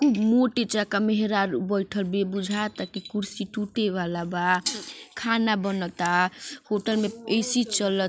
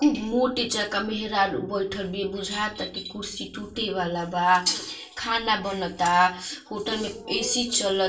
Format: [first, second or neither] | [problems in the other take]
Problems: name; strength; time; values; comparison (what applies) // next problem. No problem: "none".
first | room echo; dies away in 0.3 s